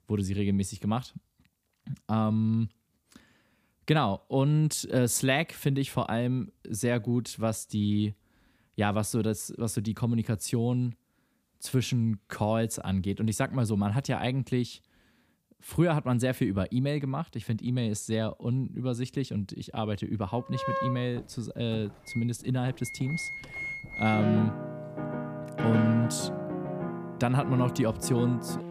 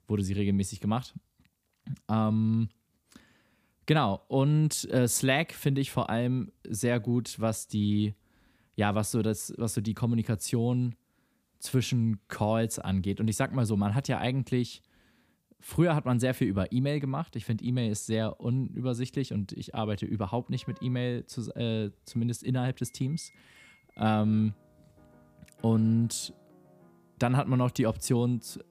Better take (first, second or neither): second